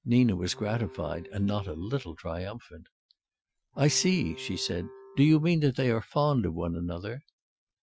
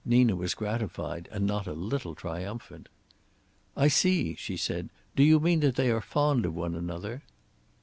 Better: second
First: noise reduction (classical method Wiener filter)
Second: none

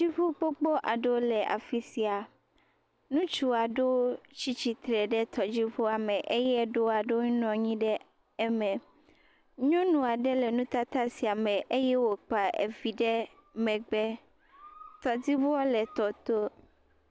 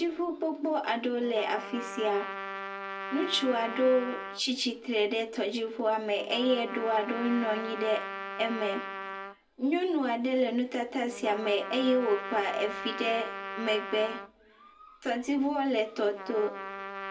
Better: first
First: none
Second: background sound (Trumpet); 10 dB below the speech // room echo; dies away in 0.2 s

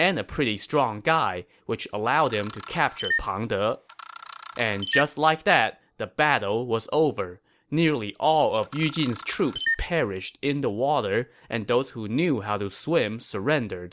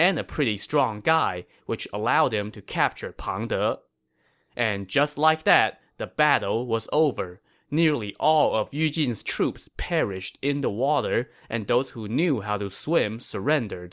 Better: second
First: background sound (Camera); 8 dB below the speech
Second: none

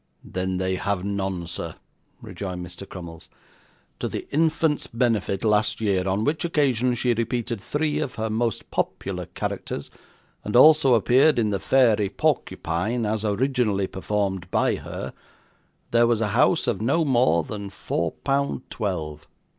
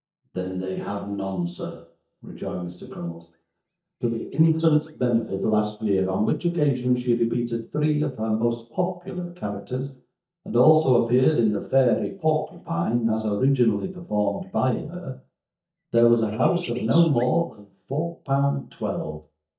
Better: first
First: none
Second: noise reduction (neural mask model DeepFilterNet 3)

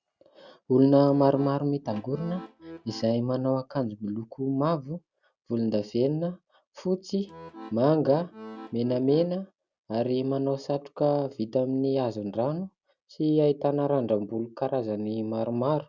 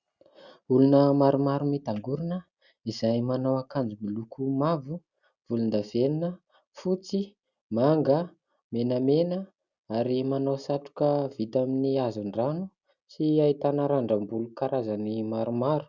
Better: second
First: background sound (Accordion); 17 dB below the speech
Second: none

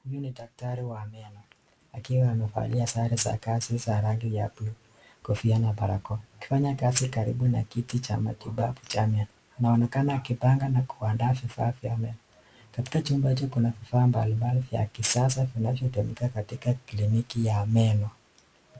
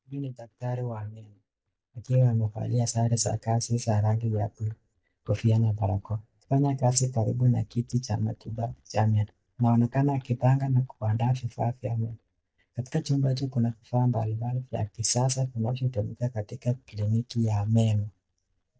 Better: first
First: none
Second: noise reduction (neural mask model DeepFilterNet 3)

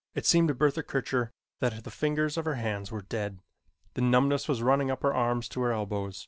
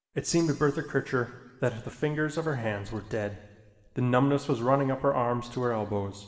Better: first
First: none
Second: room echo; dies away in 1.5 s

